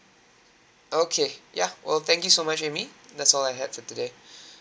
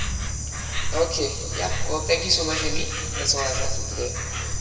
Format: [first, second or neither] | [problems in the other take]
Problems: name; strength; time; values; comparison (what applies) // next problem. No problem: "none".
first | background sound (Insect); 1 dB above the speech // room echo; dies away in 2.5 s